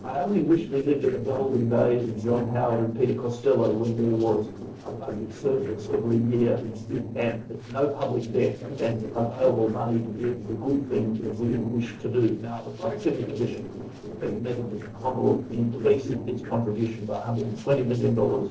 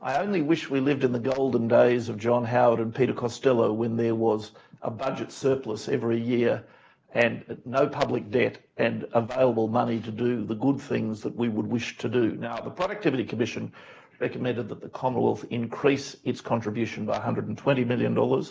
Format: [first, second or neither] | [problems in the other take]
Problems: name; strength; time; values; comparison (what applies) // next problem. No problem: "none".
second | noise reduction (neural separator model SepFormer DNS4)